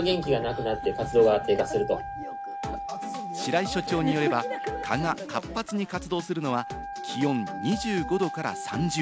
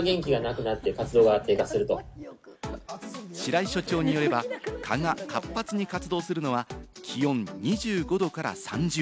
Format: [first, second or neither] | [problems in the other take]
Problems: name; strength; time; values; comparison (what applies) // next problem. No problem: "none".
second | background sound (Wind instrument, woodwind instrument); 9 dB below the speech